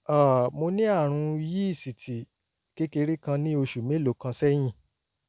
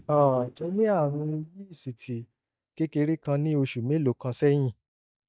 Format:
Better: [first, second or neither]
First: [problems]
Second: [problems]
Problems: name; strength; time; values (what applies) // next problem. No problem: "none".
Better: first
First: none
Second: noise reduction (neural mask model DeepFilterNet 3)